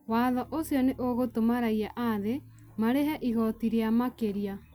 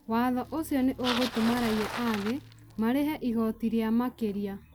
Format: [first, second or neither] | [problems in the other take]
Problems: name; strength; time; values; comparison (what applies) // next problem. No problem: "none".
first | background sound (Bicycle); 11 dB below the speech